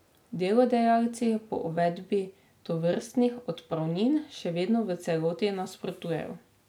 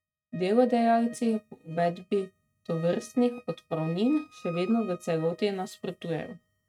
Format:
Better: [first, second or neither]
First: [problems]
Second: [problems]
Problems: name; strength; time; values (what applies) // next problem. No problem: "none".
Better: first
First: none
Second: noise reduction (neural mask model RNNoise)